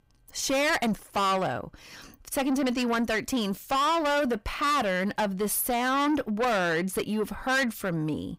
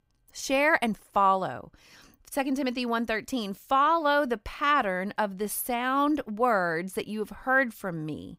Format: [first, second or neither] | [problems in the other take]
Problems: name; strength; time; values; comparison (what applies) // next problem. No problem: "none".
second | distortion; heavy; 6 dB below the speech